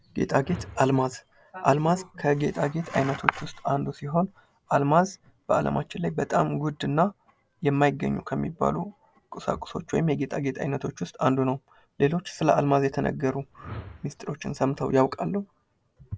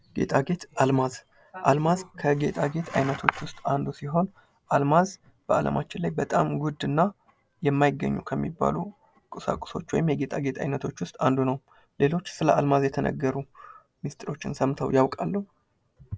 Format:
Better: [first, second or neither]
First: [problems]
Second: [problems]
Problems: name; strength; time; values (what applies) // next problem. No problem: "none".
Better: second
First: background sound (Whoosh, swoosh, swish); 18 dB below the speech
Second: none